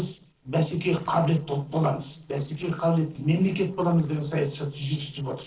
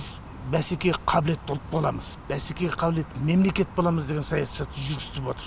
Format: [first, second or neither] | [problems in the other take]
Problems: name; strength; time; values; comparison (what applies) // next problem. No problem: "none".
second | noise reduction (neural separator model SepFormer DNS4)